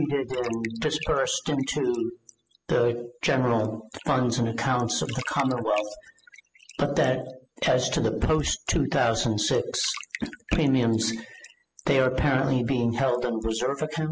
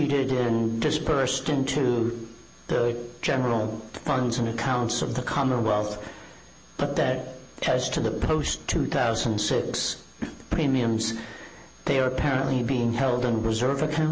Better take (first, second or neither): second